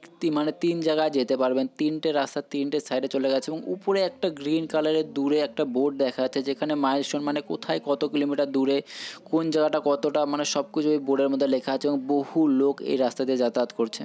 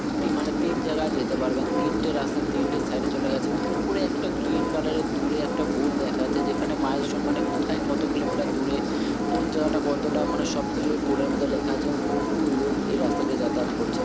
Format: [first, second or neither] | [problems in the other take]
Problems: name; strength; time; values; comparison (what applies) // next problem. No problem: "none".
first | background sound (Engine); 4 dB above the speech